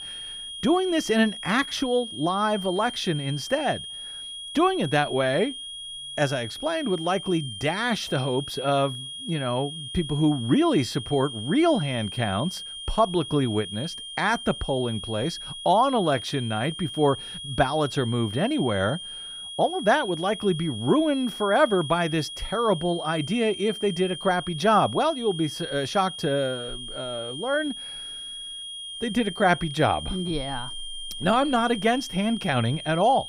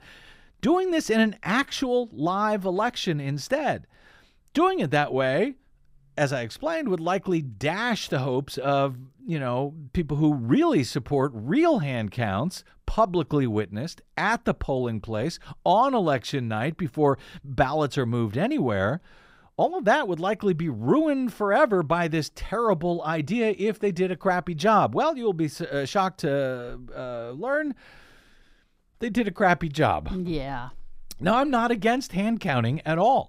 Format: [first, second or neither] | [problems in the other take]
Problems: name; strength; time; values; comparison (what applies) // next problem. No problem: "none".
second | high-pitched whine; loud; throughout; 3.5 kHz, 9 dB below the speech